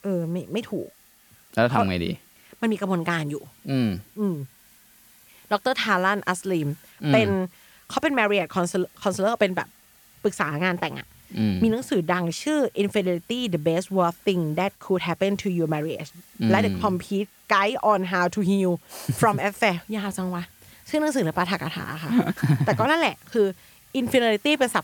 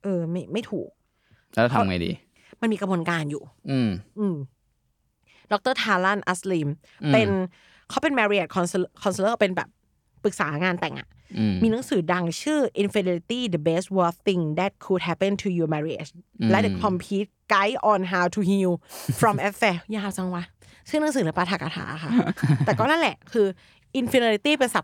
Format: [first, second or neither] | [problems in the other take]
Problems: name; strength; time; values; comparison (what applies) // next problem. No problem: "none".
second | hiss; faint; throughout; 25 dB below the speech